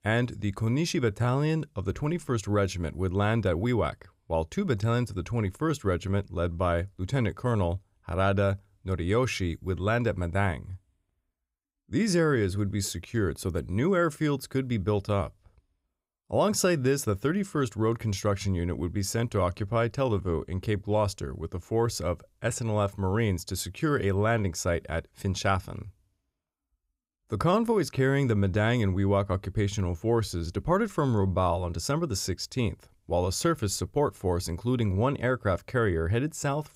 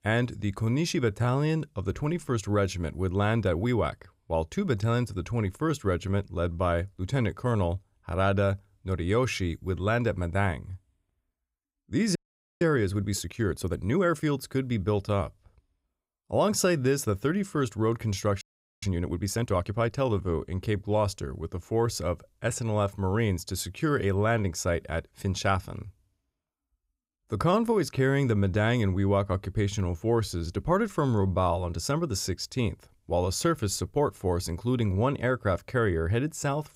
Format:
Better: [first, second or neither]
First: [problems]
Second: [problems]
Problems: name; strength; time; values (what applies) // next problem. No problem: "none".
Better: first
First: none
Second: audio freezing; at 12 s and at 18 s